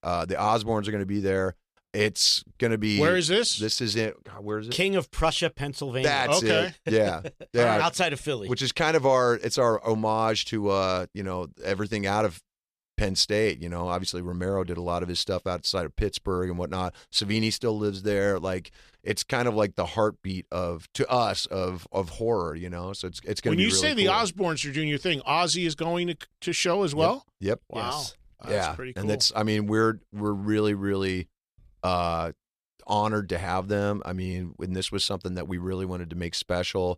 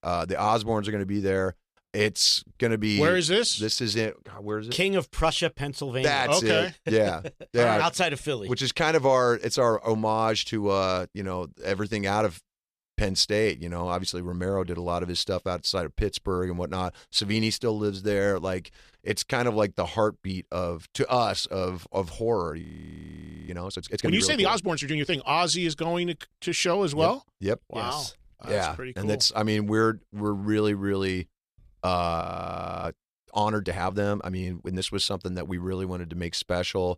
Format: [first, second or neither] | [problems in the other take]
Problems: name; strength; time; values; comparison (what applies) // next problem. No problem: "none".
first | audio freezing; at 23 s for 1 s and at 32 s for 0.5 s